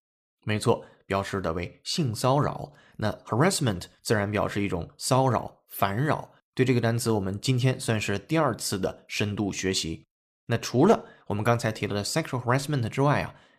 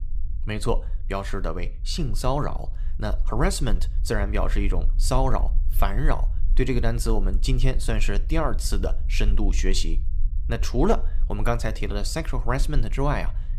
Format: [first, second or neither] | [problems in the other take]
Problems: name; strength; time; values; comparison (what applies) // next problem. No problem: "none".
first | low rumble; faint; throughout; 25 dB below the speech